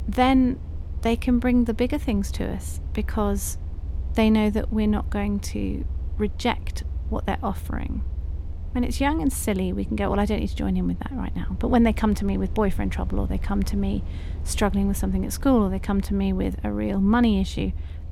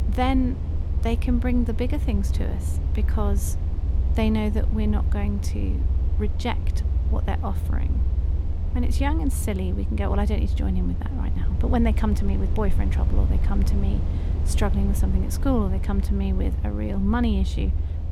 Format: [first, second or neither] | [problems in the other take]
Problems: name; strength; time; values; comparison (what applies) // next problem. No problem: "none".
first | low rumble; loud; throughout; 10 dB below the speech; faint in the first